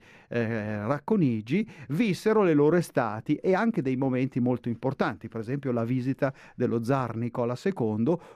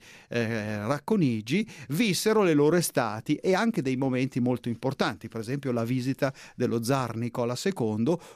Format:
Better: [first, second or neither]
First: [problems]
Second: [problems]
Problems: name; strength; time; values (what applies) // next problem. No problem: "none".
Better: second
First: muffled; slightly; fading above 3 kHz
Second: none